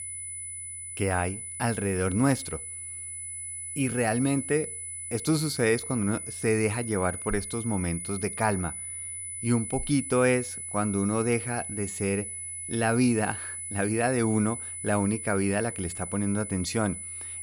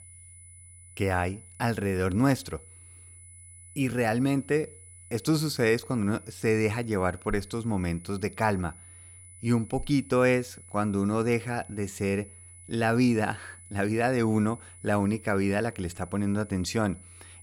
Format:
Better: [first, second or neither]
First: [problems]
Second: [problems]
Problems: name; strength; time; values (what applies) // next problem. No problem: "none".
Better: second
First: high-pitched whine; loud; throughout; 10 kHz, 6 dB below the speech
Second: high-pitched whine; faint; throughout; 10 kHz, 20 dB below the speech